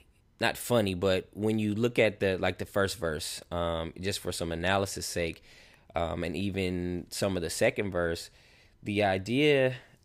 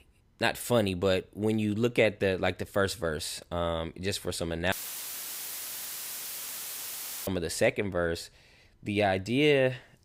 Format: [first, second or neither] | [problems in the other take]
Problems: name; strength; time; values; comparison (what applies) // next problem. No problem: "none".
first | audio cutting out; filled with static; at 4.5 s for 2.5 s